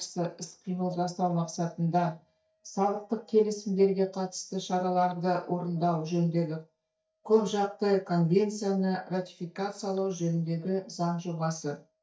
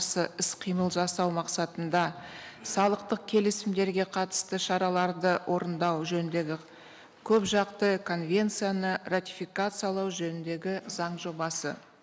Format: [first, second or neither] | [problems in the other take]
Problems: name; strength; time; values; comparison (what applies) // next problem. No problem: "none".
second | noise reduction (neural mask model DeepFilterNet 3)